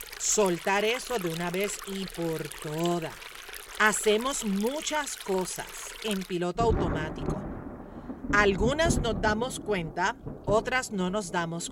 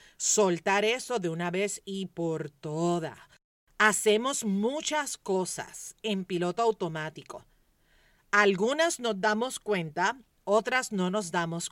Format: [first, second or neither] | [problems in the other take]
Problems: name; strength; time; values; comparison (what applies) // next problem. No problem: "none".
second | rain or running water; loud; throughout; 9 dB below the speech